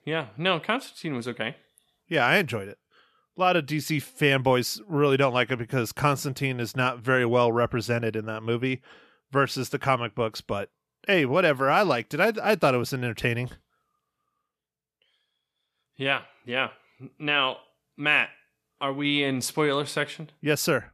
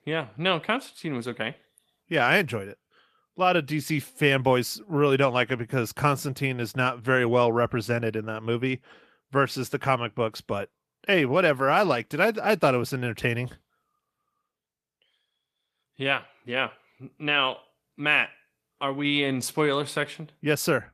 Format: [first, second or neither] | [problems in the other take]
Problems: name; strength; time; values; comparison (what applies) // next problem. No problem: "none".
first | garbled, watery; slightly; nothing above 14.5 kHz